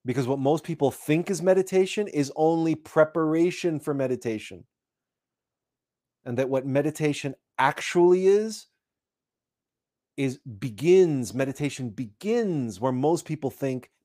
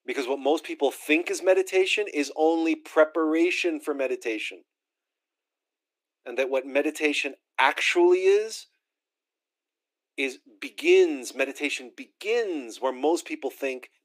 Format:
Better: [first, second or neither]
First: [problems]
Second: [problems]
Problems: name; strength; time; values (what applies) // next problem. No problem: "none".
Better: first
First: none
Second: thin; somewhat; fading below 300 Hz